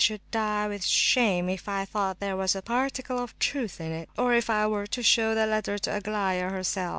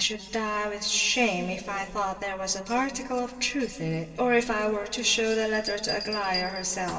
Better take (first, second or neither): first